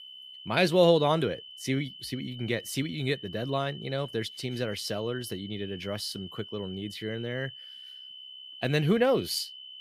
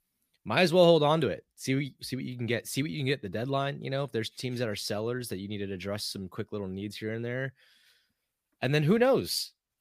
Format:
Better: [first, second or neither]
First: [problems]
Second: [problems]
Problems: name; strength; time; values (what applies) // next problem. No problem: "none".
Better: second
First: high-pitched whine; noticeable; throughout; 3 kHz, 15 dB below the speech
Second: none